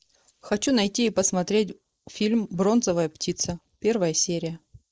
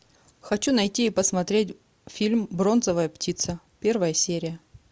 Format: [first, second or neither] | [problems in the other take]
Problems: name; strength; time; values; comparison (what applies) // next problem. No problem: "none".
second | noise reduction (neural mask model Resemble Enhance denoiser)